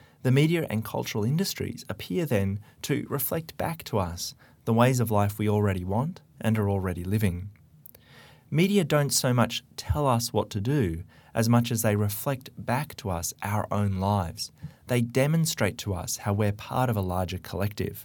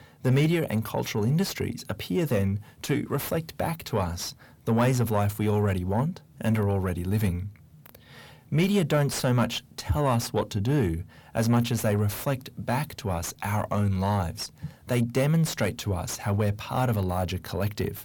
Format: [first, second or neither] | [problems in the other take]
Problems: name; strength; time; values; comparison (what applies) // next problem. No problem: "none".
first | distortion; slight; 10 dB below the speech